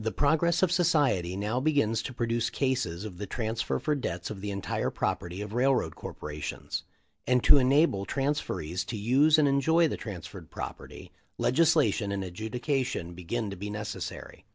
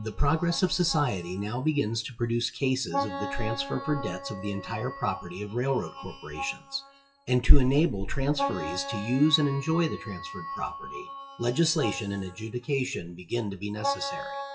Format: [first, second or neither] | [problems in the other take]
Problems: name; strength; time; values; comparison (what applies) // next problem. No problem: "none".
first | noise reduction (classical method WPE with log-MMSE)